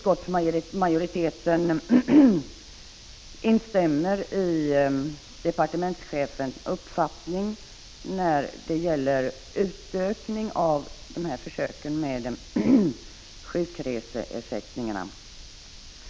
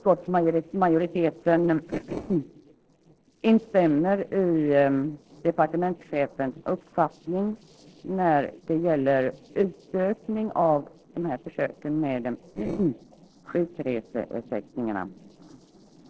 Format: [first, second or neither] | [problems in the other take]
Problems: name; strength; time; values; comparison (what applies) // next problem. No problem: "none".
first | noise reduction (neural separator model SepFormer DNS4)